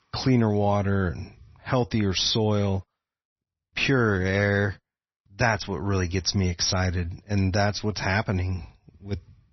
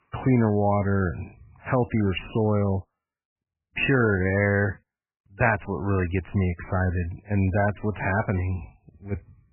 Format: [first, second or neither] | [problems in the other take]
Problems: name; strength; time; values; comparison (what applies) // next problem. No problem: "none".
first | garbled, watery; badly; nothing above 3 kHz; slightly in the first